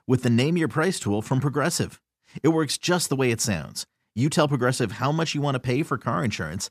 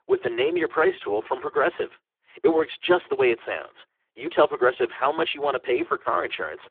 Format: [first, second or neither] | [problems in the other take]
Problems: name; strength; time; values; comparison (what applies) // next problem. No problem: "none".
first | phone-call audio; poor line